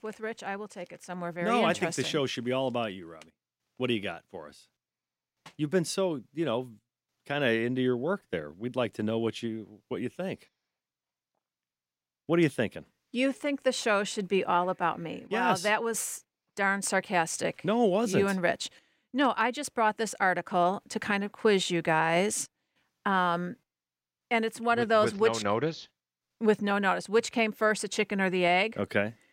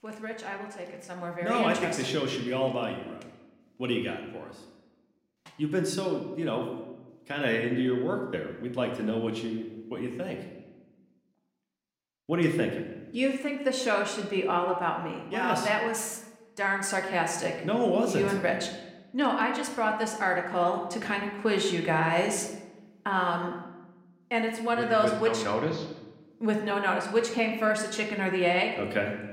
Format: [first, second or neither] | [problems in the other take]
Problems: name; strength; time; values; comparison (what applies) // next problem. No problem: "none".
first | room echo; slight; dies away in 0.9 s